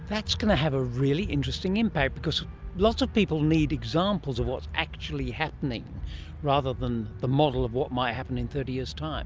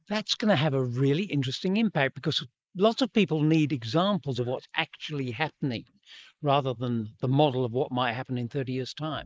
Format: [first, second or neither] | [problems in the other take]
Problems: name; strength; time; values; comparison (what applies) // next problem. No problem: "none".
first | noise reduction (neural mask model Resemble Enhance denoiser)